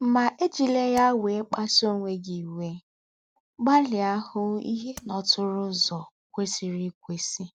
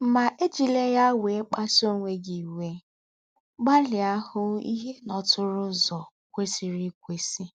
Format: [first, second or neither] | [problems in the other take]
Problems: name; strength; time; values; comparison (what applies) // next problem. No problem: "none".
second | background sound (Tap); 19 dB below the speech